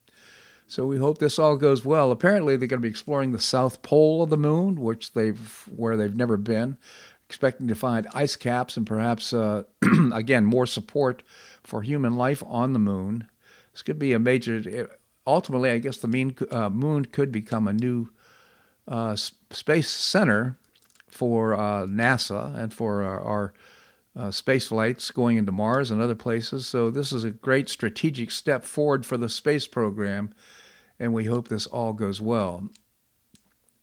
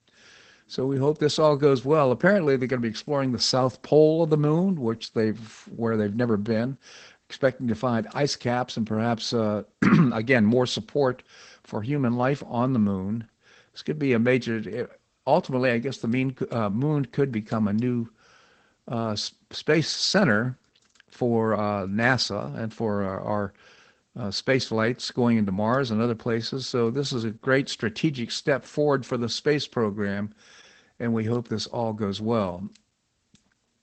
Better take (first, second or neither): first